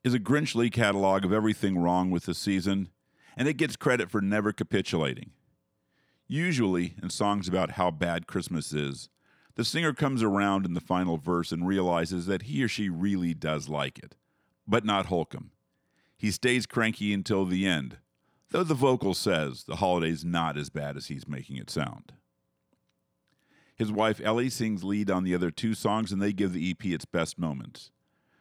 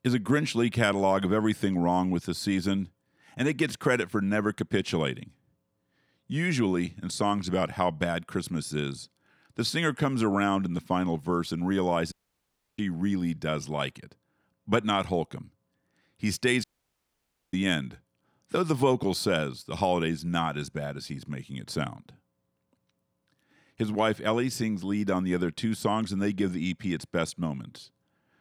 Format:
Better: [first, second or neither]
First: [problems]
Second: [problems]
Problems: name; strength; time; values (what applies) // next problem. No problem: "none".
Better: first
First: none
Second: audio cutting out; at 12 s for 0.5 s and at 17 s for 1 s